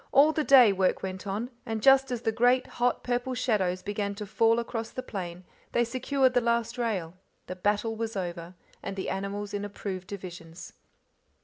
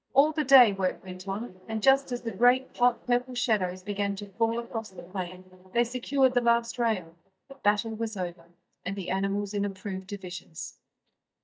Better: first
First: none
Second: noise reduction (neural mask model DeepFilterNet 3)

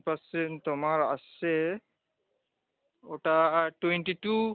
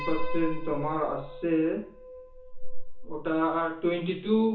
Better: first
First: none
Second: background sound (Piano); 2 dB below the speech // room echo; dies away in 0.7 s

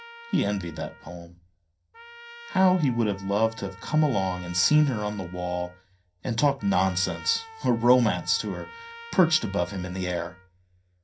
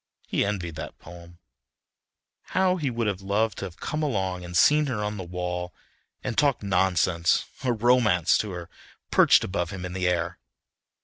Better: second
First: background sound (Trumpet); 19 dB below the speech // room echo; dies away in 0.3 s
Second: none

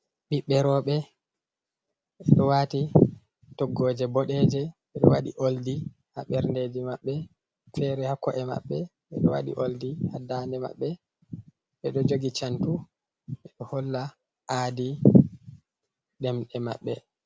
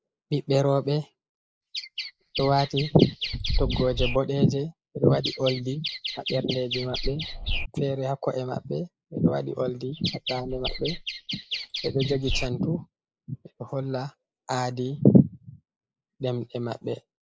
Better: first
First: none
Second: noise reduction (neural mask model Resemble Enhance denoiser)

